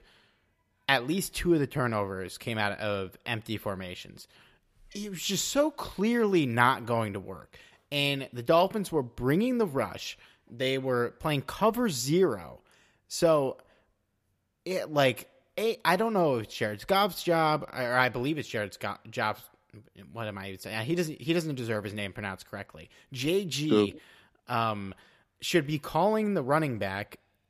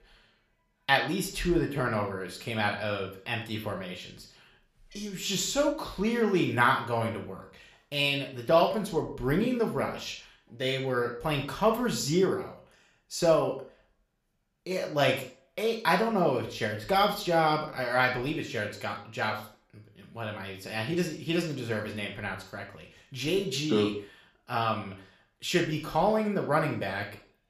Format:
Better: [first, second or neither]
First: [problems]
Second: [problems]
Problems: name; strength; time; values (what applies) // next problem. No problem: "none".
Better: first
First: none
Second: room echo; noticeable; dies away in 0.4 s // off-mic speech; somewhat distant